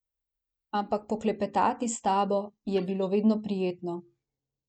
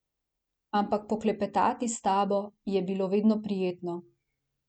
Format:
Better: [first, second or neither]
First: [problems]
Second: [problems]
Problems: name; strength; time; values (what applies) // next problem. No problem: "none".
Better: second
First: noise reduction (neural mask model DeepFilterNet 3)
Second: none